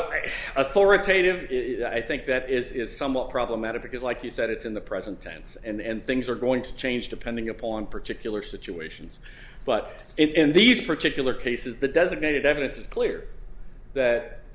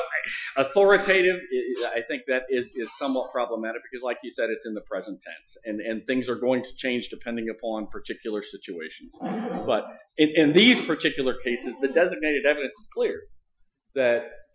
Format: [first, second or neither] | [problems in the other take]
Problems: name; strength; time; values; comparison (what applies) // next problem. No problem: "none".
first | noise reduction (classical method Wiener filter)